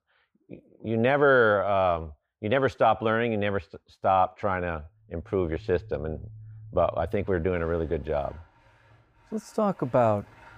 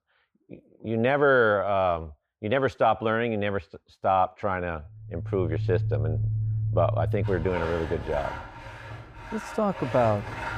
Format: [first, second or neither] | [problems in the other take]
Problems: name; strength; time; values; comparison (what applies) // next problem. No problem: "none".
first | machinery noise; loud; from 5 s on; 6 dB below the speech; faint in the first